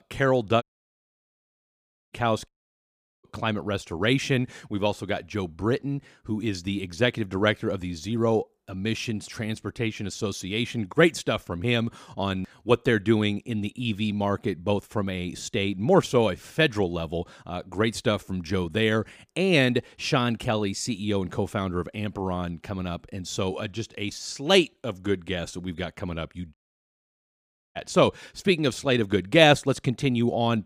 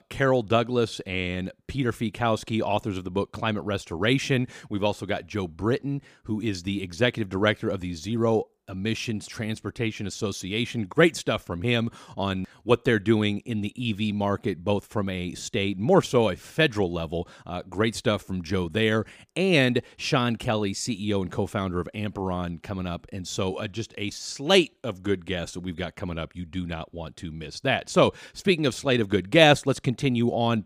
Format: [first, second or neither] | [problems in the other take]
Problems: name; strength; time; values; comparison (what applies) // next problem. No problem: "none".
second | audio cutting out; at 0.5 s for 1.5 s, at 2.5 s for 1 s and at 27 s for 1 s